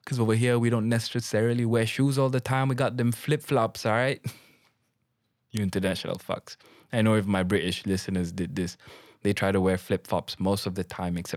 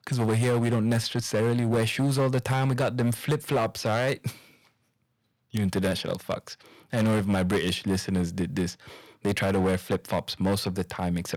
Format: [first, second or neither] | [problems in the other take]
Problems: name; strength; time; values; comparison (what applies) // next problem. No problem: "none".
first | distortion; slight; 9% of the sound clipped